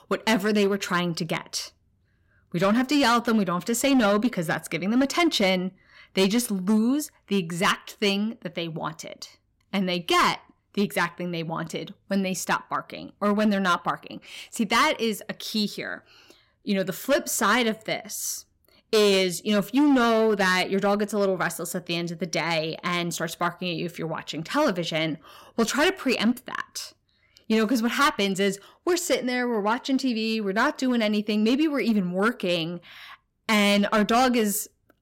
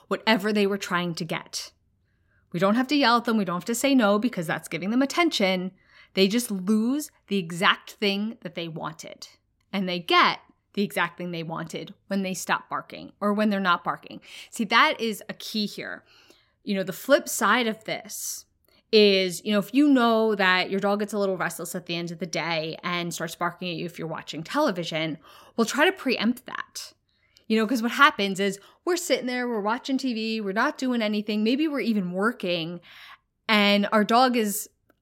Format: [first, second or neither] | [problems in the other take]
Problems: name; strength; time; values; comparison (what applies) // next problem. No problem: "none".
second | distortion; slight; 5% of the sound clipped